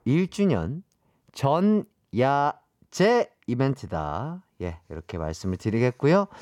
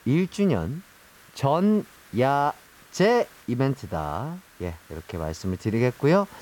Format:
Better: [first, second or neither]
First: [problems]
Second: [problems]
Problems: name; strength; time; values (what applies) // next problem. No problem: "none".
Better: first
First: none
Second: hiss; faint; throughout; 25 dB below the speech